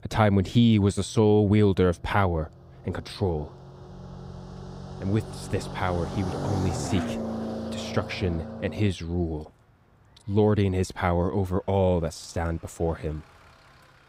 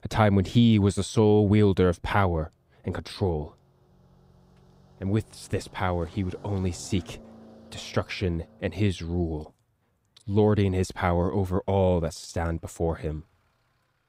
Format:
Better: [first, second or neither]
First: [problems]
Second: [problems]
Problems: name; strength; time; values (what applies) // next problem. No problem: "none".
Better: second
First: traffic noise; loud; throughout; 10 dB below the speech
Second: traffic noise; faint; throughout; 25 dB below the speech